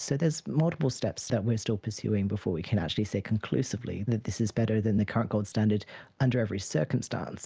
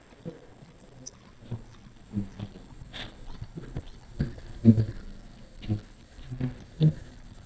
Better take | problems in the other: first | noise reduction (neural mask model DeepFilterNet 3)

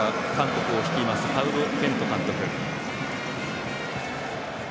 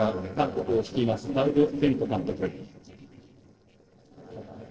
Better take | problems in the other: first | noise reduction (neural separator model SepFormer DNS4)

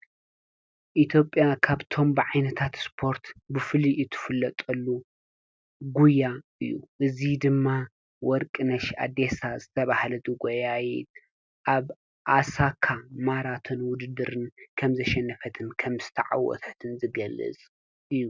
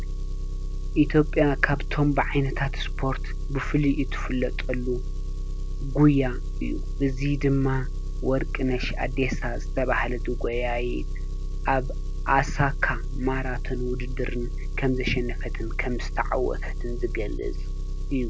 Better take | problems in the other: first | background sound (Engine); 1 dB below the speech

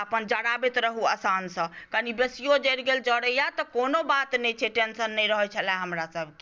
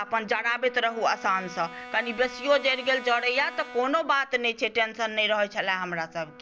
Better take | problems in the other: first | background sound (Brass instrument); 17 dB below the speech

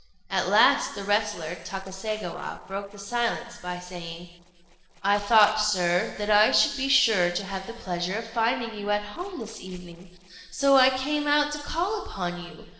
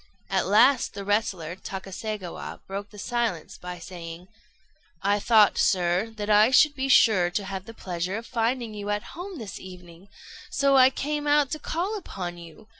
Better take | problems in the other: second | noise reduction (neural separator model SepFormer DNS4)

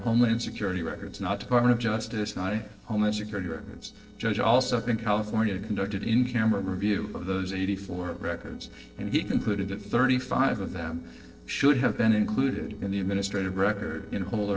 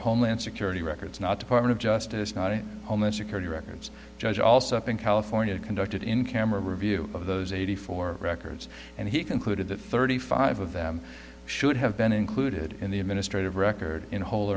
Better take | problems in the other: second | noise reduction (neural separator model SepFormer DNS4)

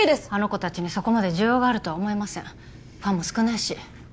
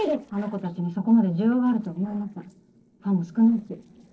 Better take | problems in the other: first | noise reduction (neural separator model SepFormer DNS4)

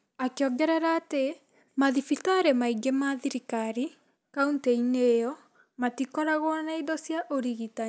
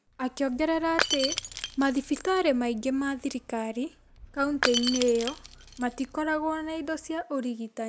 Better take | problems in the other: first | background sound (Shatter / Crushing); 7 dB below the speech

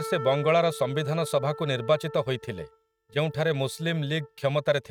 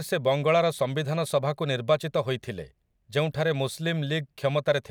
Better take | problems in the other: second | noise reduction (neural mask model RNNoise)

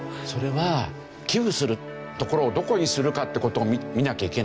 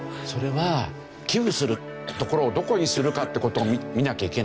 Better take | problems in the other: first | background sound (Cough); 13 dB below the speech

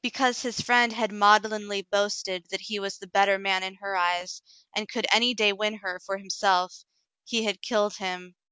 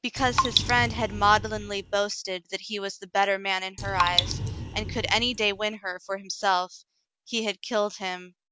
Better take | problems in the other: first | background sound (Raindrop); 2 dB below the speech

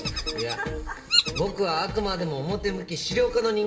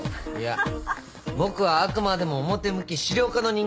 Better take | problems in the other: second | background sound (Bird vocalization, bird call, bird song); 6 dB below the speech // room echo; dies away in 2.2 s

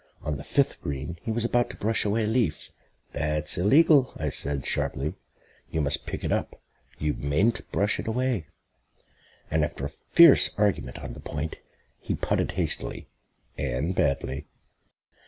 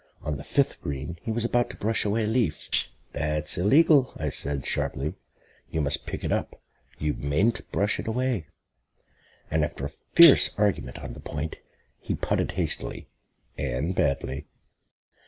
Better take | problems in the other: first | noise reduction (neural mask model Resemble Enhance denoiser)

